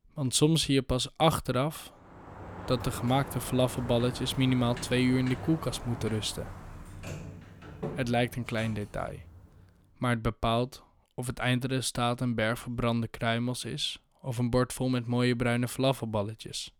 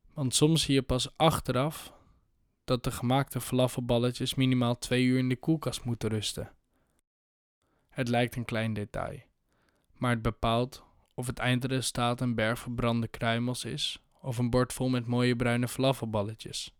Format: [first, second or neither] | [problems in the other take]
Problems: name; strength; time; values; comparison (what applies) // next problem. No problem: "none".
second | door banging; noticeable; from 2 to 9.5 s; peak 9 dB below the speech